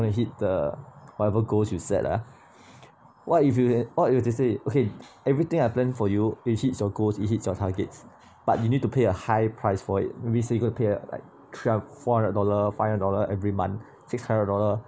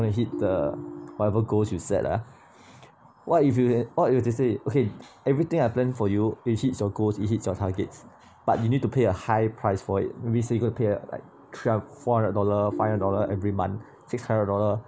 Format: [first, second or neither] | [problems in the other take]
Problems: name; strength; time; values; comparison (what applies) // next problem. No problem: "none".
first | background sound (Ringtone); 12 dB below the speech